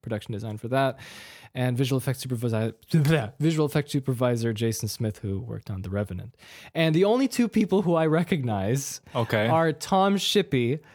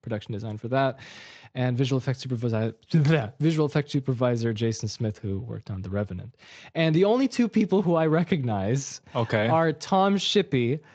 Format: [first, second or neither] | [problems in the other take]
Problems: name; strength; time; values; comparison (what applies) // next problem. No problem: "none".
first | garbled, watery; slightly